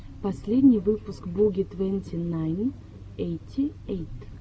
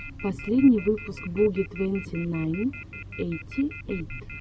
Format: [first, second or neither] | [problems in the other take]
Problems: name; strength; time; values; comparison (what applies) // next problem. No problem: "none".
first | background sound (Telephone); 16 dB below the speech